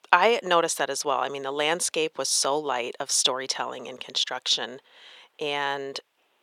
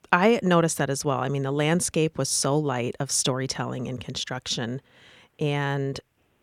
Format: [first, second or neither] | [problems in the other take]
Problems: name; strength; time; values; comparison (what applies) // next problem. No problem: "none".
second | thin; very; fading below 500 Hz